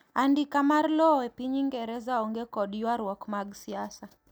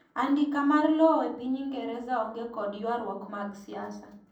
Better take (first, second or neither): first